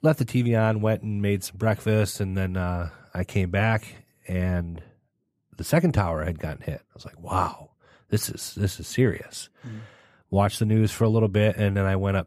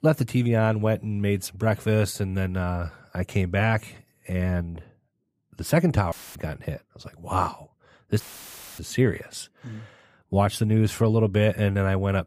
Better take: first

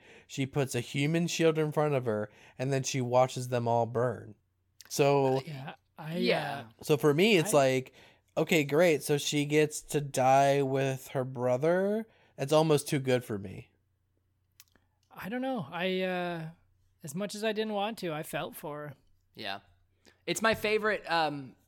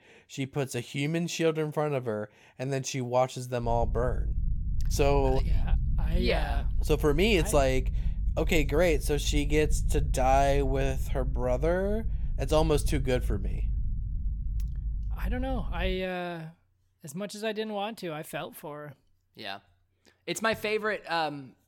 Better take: first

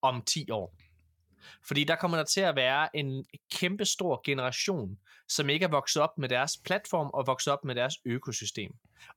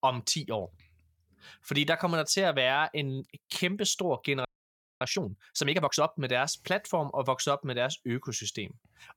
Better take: first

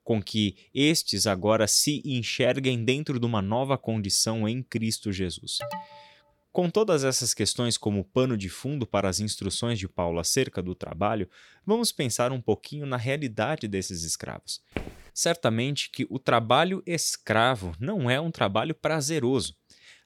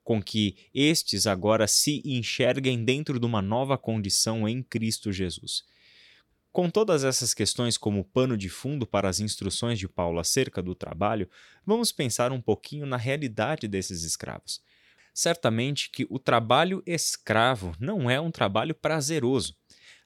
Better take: second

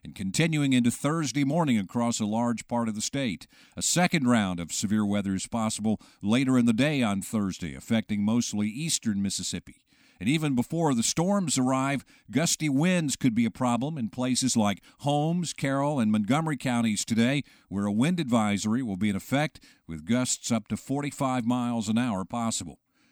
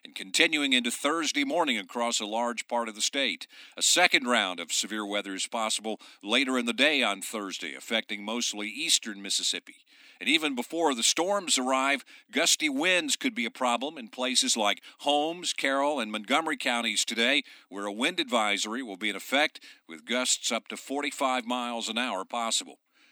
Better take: first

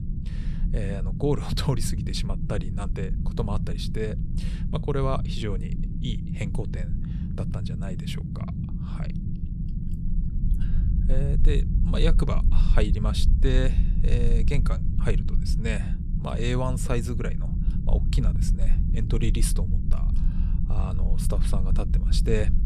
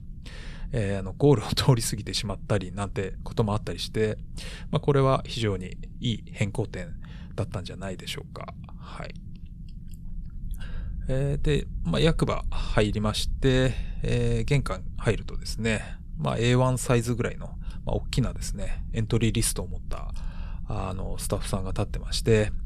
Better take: second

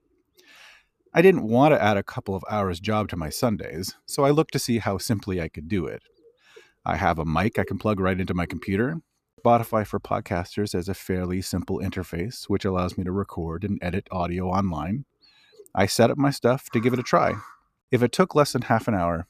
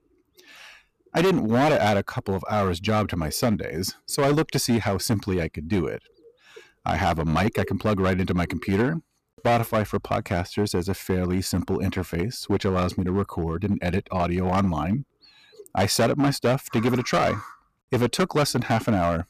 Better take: first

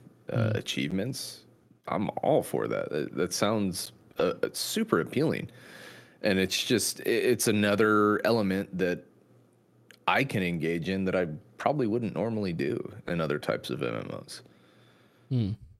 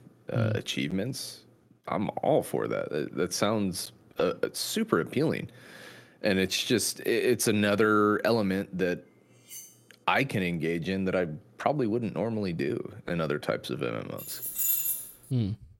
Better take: first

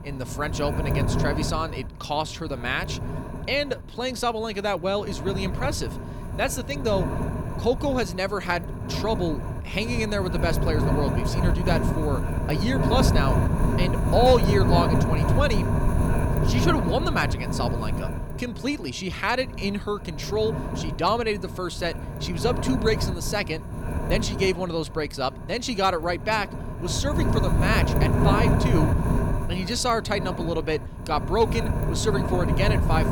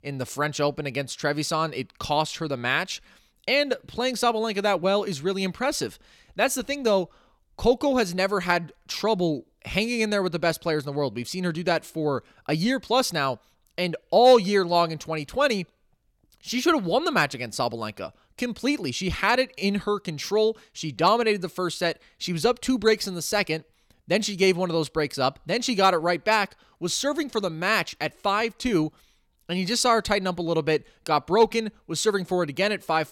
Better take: second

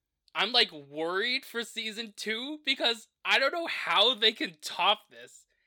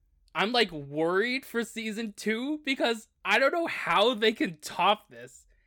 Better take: second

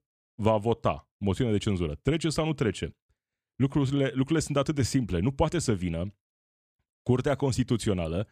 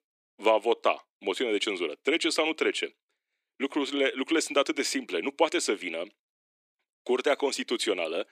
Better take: first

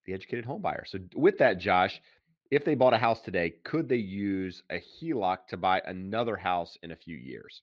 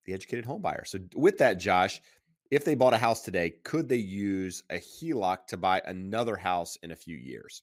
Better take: second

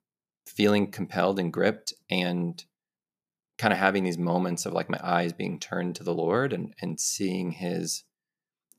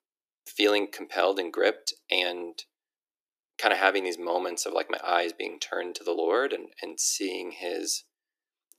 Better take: first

